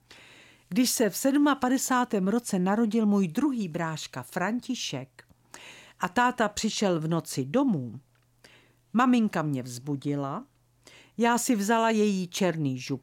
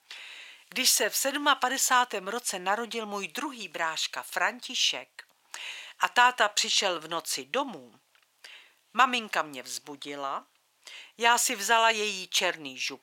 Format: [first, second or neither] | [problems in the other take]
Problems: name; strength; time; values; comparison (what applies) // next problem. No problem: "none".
first | thin; very; fading below 750 Hz